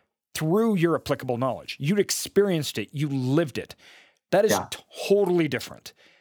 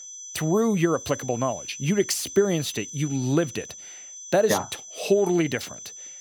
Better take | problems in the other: first | high-pitched whine; noticeable; throughout; 6 kHz, 15 dB below the speech

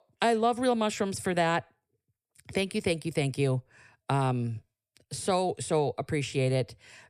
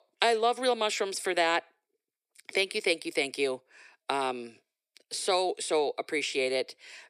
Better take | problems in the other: first | thin; somewhat; fading below 350 Hz

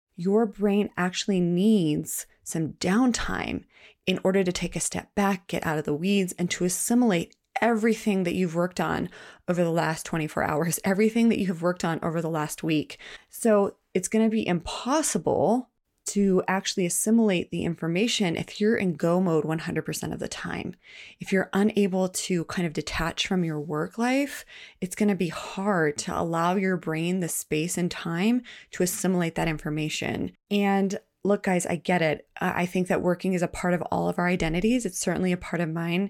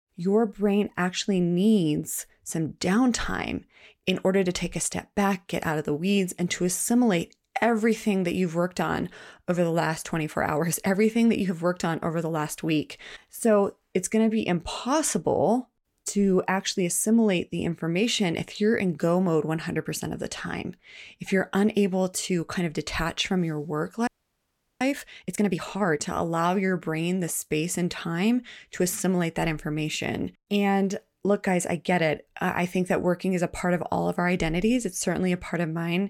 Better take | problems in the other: first | audio freezing; at 24 s for 0.5 s

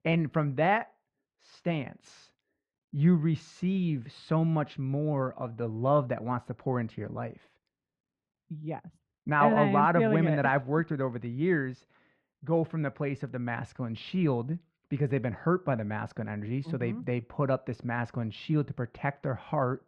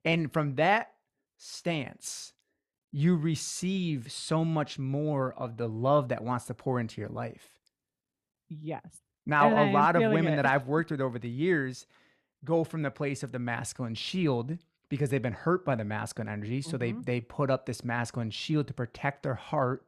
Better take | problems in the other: second | muffled; slightly; fading above 2.5 kHz

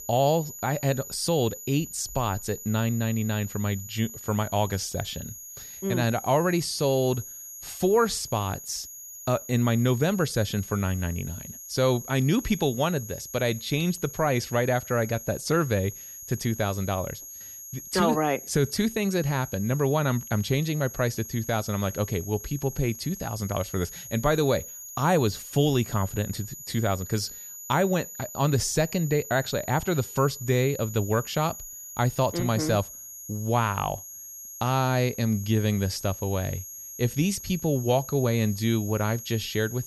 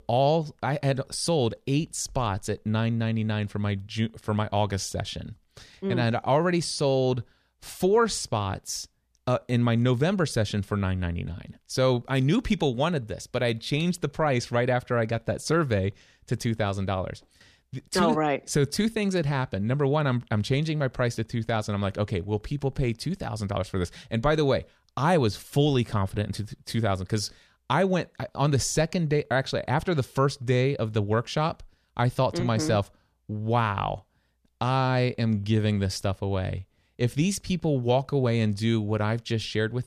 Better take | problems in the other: second | high-pitched whine; noticeable; throughout; 6.5 kHz, 10 dB below the speech

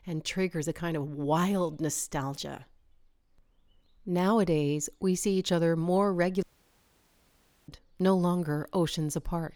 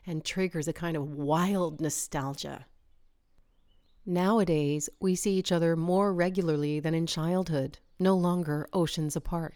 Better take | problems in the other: second | audio cutting out; at 6.5 s for 1.5 s

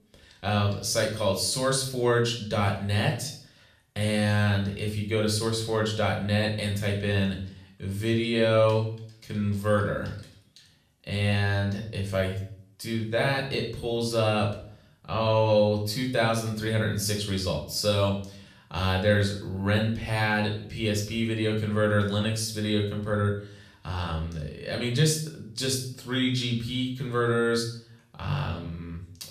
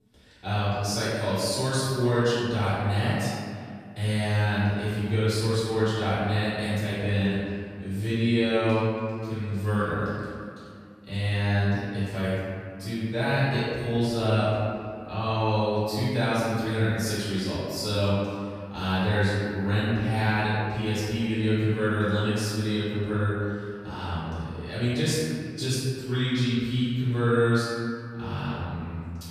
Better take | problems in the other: first | room echo; strong; dies away in 2.2 s; slight in the first // off-mic speech; far; somewhat distant in the first

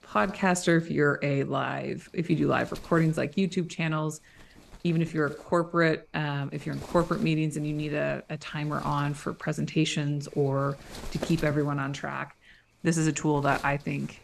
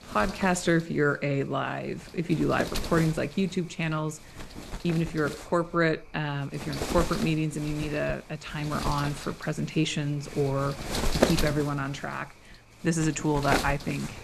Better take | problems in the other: first | wind noise on the microphone; heavy; 5 dB below the speech; occasional gusts in the first

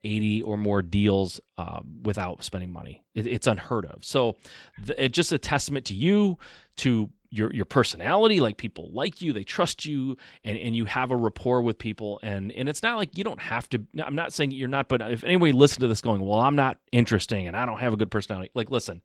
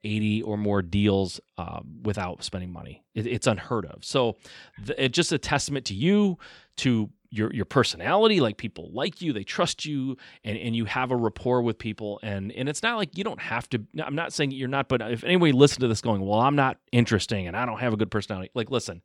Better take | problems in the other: second | garbled, watery; slightly; nothing above 18.5 kHz

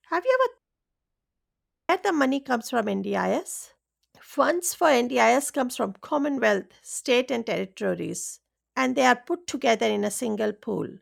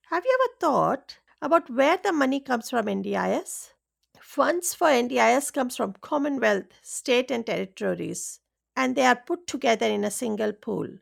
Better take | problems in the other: second | audio cutting out; at 0.5 s for 1.5 s

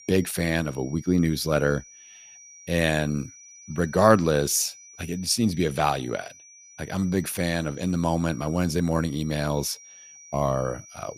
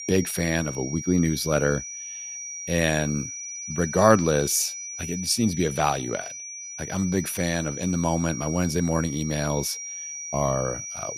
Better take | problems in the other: first | high-pitched whine; loud; throughout; 6 kHz, 8 dB below the speech; faint in the first

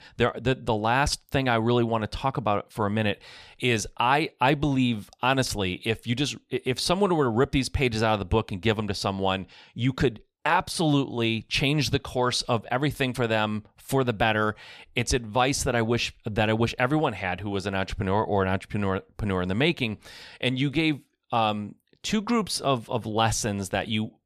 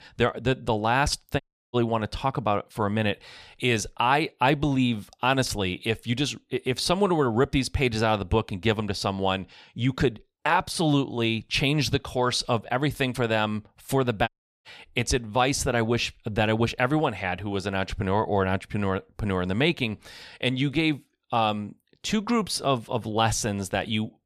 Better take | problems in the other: first | audio cutting out; at 1.5 s and at 14 s

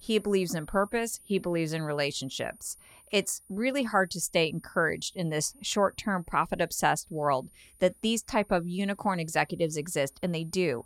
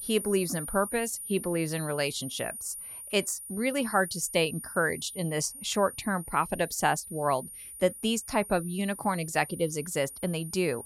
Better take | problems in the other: first | high-pitched whine; loud; throughout; 9.5 kHz, 9 dB below the speech; faint in the first

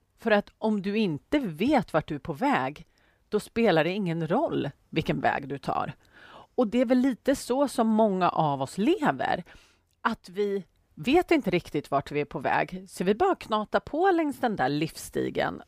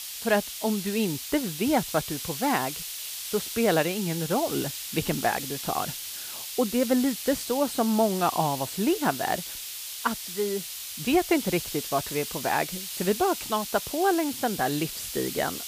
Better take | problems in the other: first | hiss; loud; throughout; 6 dB below the speech

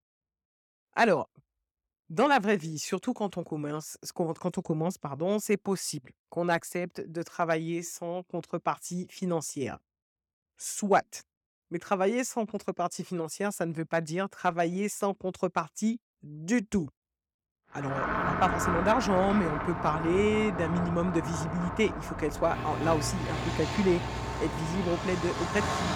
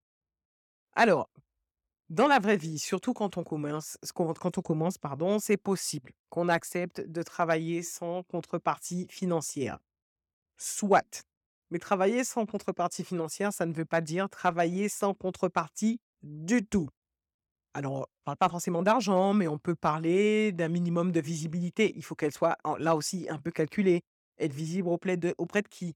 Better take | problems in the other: second | traffic noise; loud; from 18 s on; 3 dB below the speech

